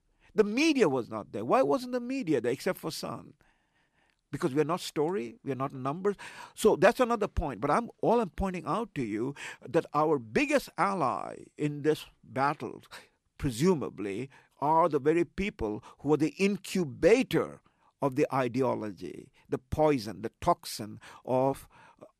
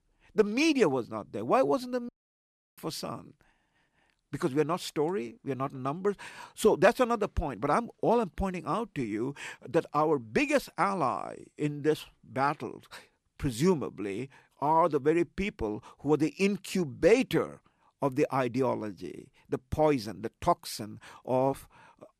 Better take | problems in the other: first | audio cutting out; at 2 s for 0.5 s

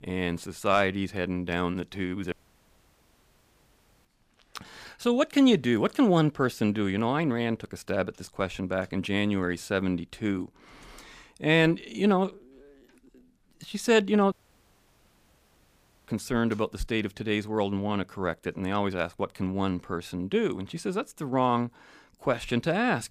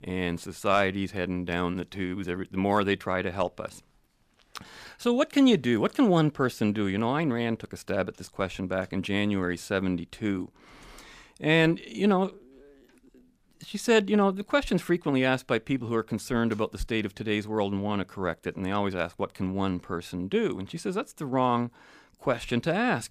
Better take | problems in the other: second | audio cutting out; at 2.5 s for 1.5 s and at 14 s for 2 s

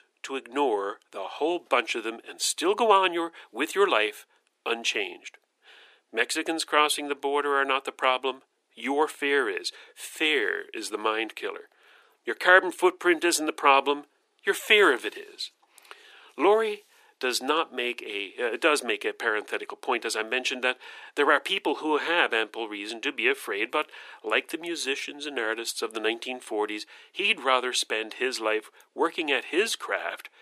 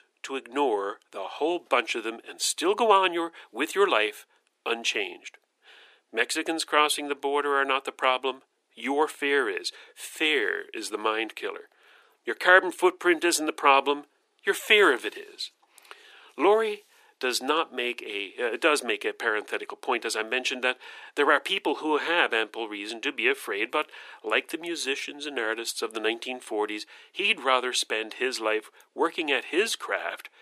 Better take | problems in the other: neither | thin; very; fading below 350 Hz; the same in both

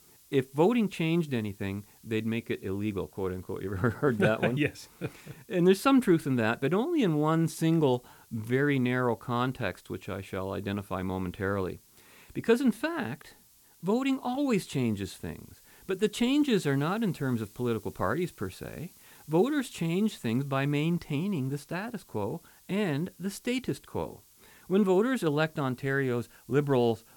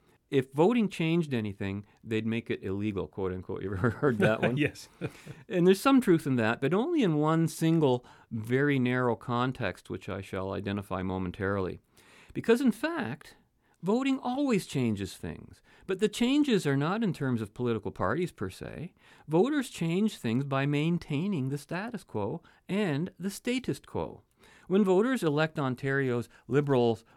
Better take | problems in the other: second | hiss; faint; throughout; 25 dB below the speech

